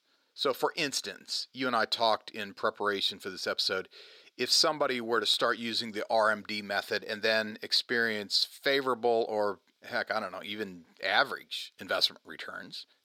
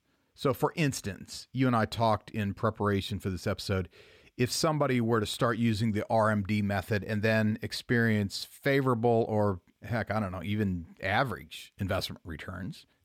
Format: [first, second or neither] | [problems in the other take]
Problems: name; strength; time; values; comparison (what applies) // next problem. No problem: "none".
second | thin; somewhat; fading below 450 Hz